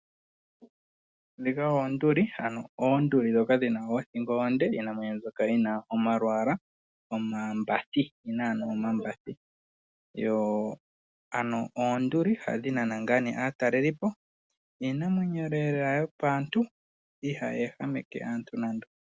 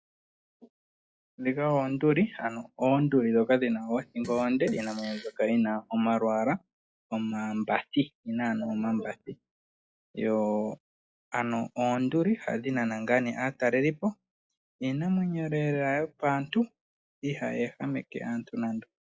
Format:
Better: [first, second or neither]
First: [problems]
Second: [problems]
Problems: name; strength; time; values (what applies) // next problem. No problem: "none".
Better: first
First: none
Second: noise reduction (classical method log-MMSE)